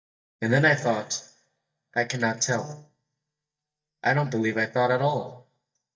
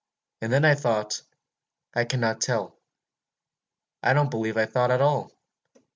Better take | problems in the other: second | noise reduction (neural mask model DeepFilterNet 3)

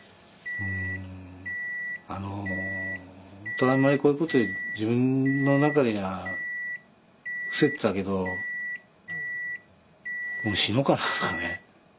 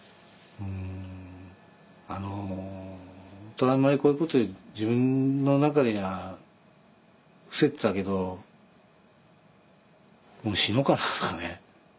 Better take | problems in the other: second | background sound (Microwave oven); 7 dB below the speech

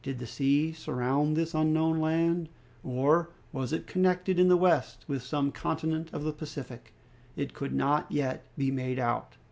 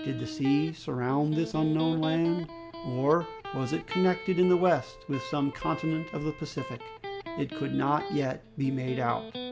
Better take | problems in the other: first | background sound (Electric guitar); 11 dB below the speech

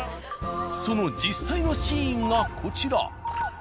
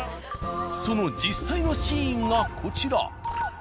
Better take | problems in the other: first | background sound (Walk, footsteps); 19 dB below the speech

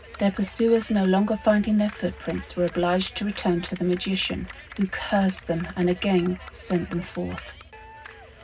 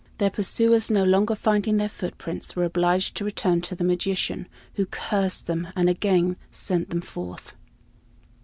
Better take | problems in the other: second | background sound (Clapping); 19 dB below the speech // room echo; dies away in 0.4 s

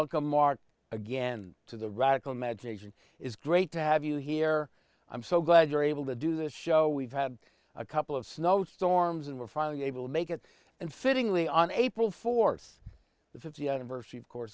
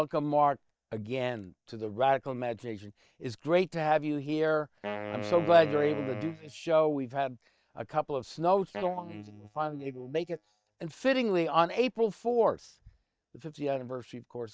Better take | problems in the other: first | noise reduction (neural mask model DeepFilterNet 3)

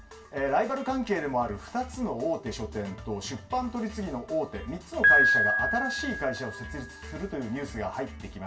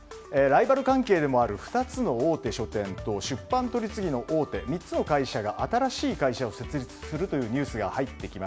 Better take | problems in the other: second | background sound (Piano); as loud as the speech // room echo; dies away in 0.2 s

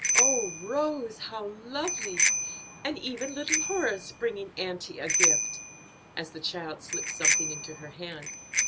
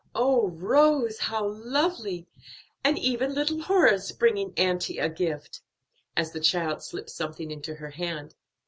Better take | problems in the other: second | background sound (Bicycle bell); 4 dB above the speech

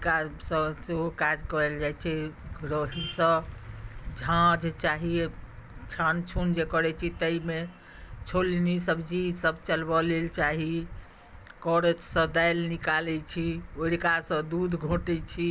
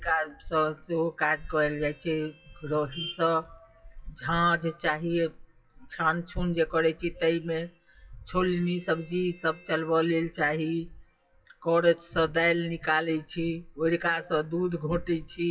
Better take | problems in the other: first | noise reduction (classical method WPE with log-MMSE)

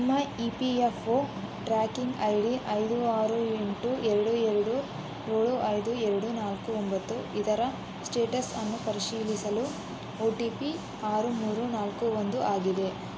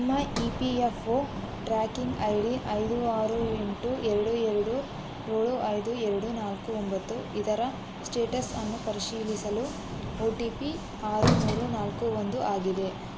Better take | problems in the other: first | background sound (Sliding door + Thunder / Rain); 7 dB below the speech

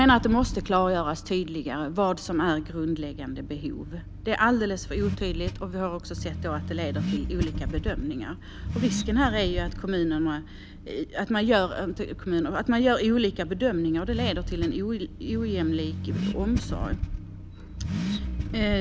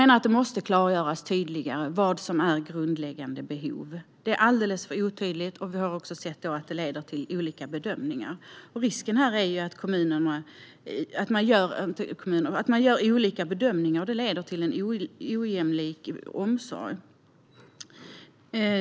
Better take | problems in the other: second | background sound (Accelerating, revving, vroom / Car); 6 dB below the speech

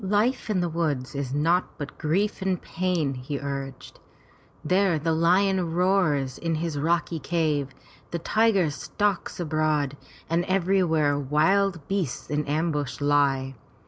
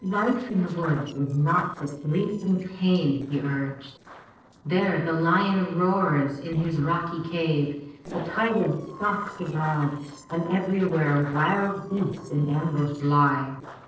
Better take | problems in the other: first | noise reduction (neural separator model SepFormer DNS4)

